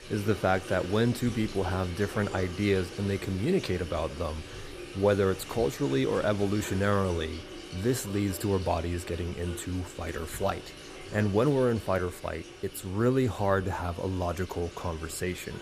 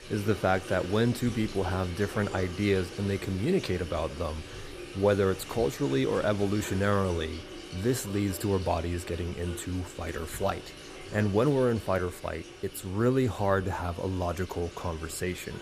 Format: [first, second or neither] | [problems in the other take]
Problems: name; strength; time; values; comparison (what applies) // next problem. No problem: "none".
neither | household noises; noticeable; throughout; 15 dB below the speech; the same in both